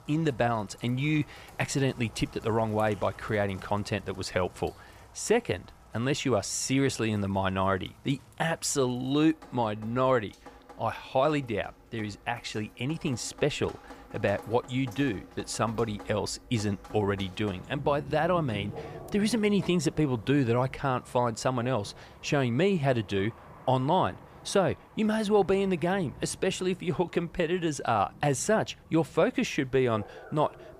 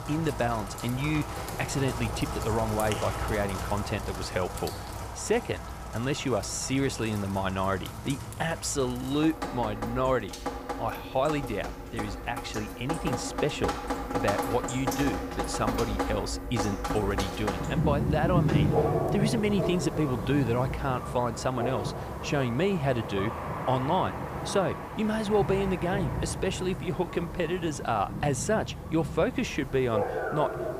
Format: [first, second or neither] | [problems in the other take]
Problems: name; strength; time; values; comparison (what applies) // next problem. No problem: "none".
first | rain or running water; loud; throughout; 3 dB below the speech; faint in the first